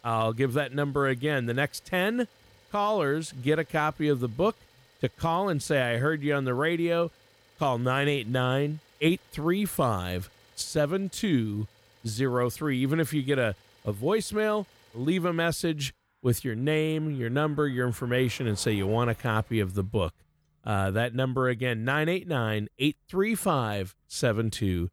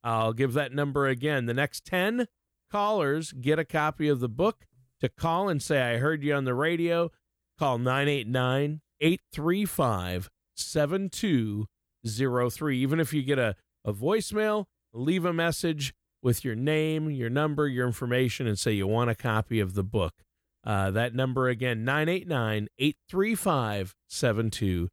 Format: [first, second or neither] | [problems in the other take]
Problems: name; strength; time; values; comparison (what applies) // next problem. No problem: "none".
second | traffic noise; faint; throughout; 30 dB below the speech